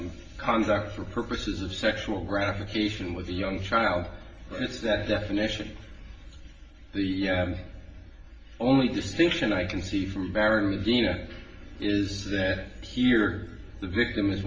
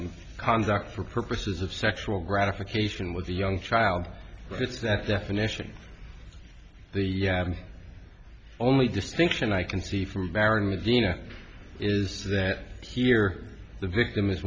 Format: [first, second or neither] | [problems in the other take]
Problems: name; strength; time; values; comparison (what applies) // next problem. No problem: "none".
second | room echo; dies away in 0.7 s